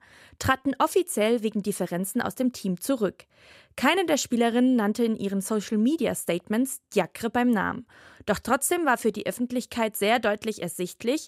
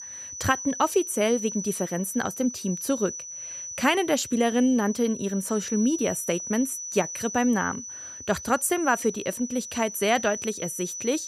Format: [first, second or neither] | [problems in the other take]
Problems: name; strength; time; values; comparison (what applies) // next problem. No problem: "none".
first | high-pitched whine; loud; throughout; 6 kHz, 8 dB below the speech